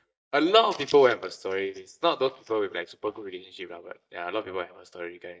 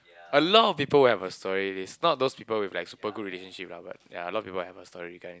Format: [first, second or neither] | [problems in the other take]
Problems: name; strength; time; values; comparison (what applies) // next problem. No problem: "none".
second | noise reduction (neural mask model DeepFilterNet 3)